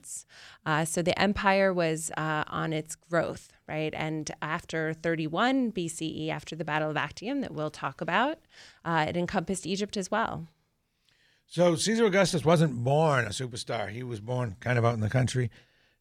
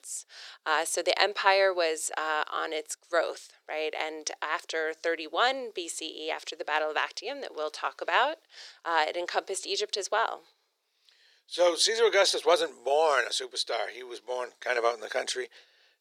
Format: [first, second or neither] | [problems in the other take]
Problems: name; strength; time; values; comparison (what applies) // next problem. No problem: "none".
first | thin; very; fading below 400 Hz